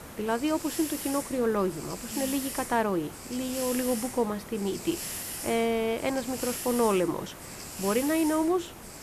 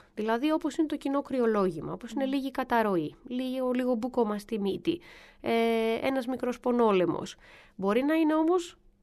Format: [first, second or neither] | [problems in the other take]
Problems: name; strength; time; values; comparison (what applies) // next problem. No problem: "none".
second | hiss; loud; throughout; 7 dB below the speech